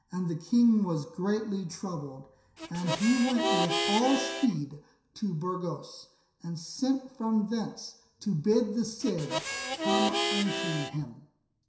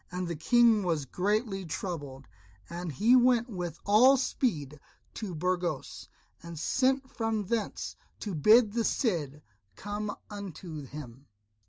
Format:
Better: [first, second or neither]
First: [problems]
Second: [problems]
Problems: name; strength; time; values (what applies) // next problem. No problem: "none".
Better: second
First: background sound (Harmonica); 1 dB below the speech // room echo; dies away in 0.7 s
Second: none